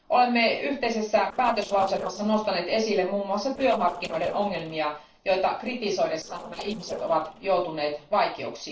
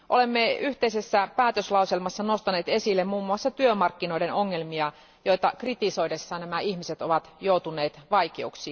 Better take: second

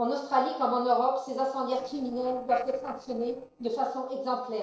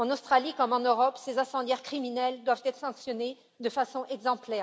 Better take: second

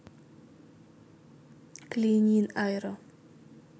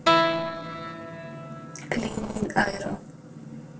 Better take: first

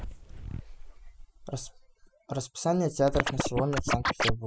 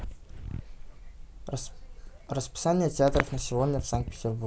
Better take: second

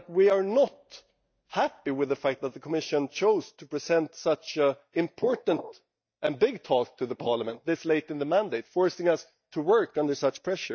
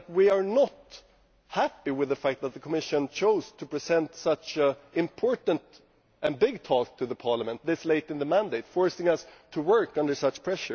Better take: second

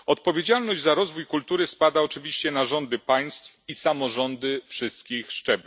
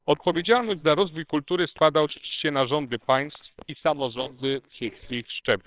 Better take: first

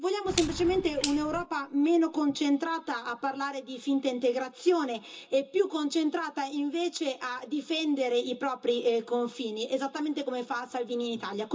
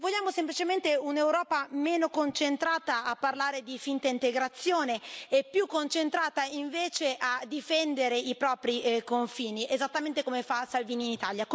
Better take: second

